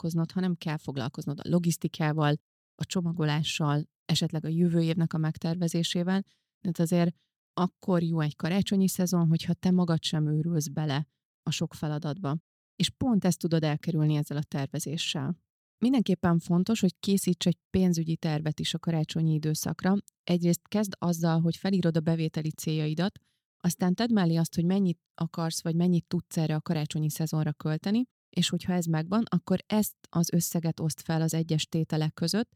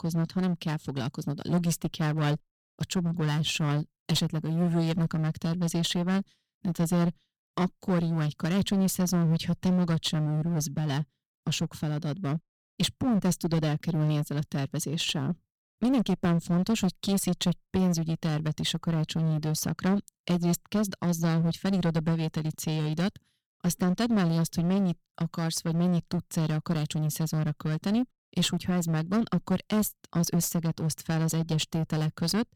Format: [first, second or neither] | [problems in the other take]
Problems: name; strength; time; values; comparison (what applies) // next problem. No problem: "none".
first | distortion; slight; 13% of the sound clipped